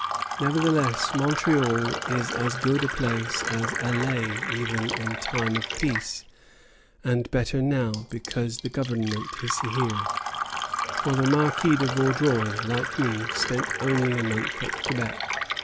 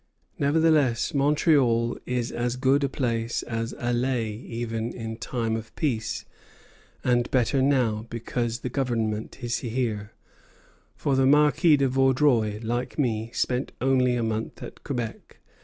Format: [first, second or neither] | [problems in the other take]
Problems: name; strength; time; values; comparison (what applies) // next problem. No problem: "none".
second | background sound (Fill (with liquid)); 4 dB below the speech